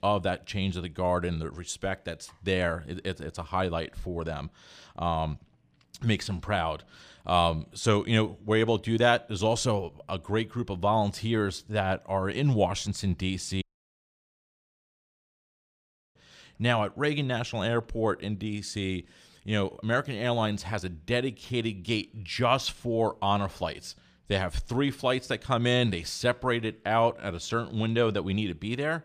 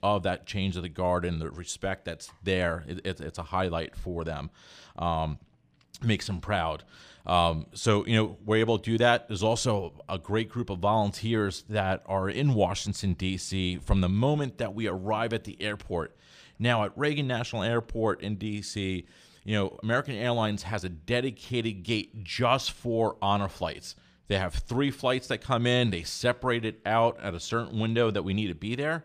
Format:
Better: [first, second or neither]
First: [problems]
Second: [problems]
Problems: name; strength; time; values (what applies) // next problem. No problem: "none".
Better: second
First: audio cutting out; at 14 s for 2.5 s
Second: none